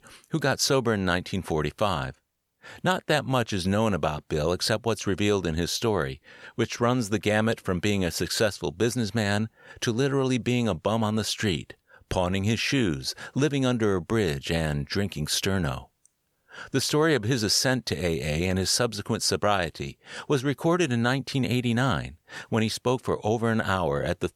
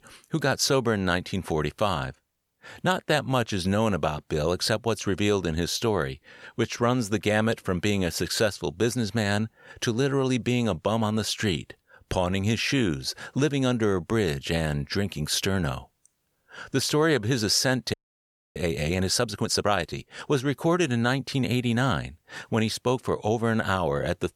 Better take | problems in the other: first | audio freezing; at 18 s for 0.5 s

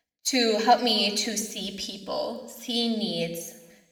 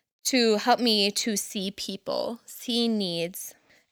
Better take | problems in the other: second | room echo; slight; dies away in 0.9 s // off-mic speech; somewhat distant

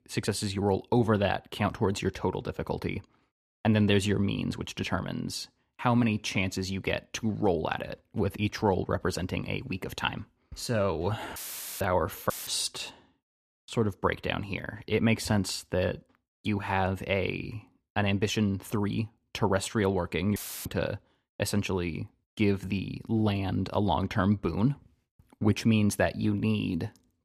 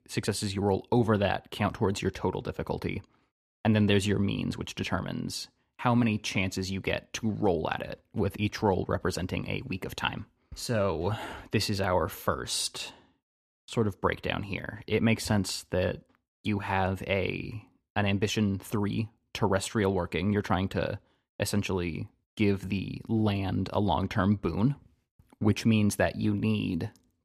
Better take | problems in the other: second | audio cutting out; filled with static; at 11 s, at 12 s and at 20 s

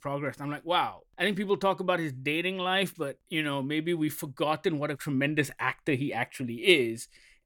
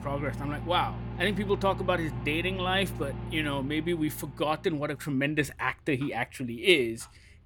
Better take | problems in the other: first | household noises; loud; throughout; 9 dB below the speech

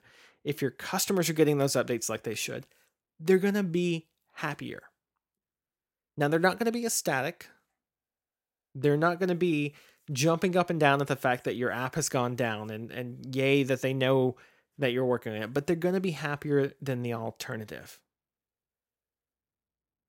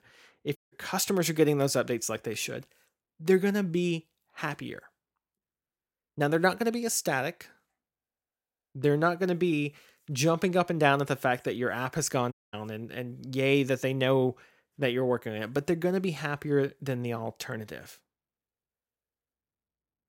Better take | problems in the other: first | audio cutting out; at 0.5 s and at 12 s

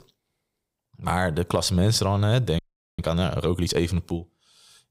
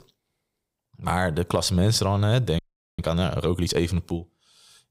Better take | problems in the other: neither | audio freezing; at 2.5 s; the same in both

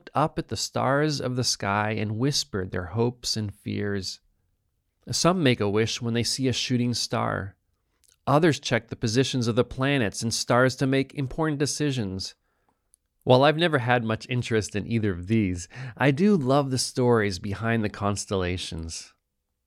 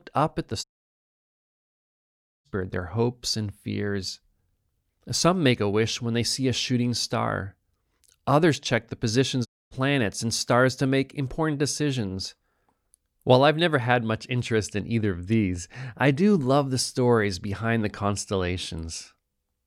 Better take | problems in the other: first | audio cutting out; at 0.5 s for 2 s and at 9.5 s

